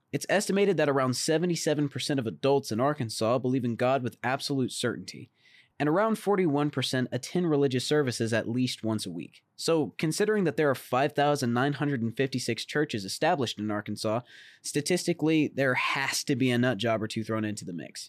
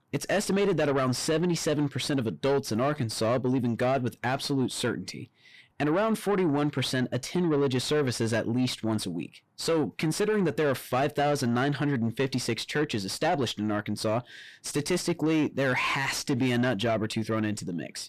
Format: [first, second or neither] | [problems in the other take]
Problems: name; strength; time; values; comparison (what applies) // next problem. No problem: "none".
first | distortion; slight; 10 dB below the speech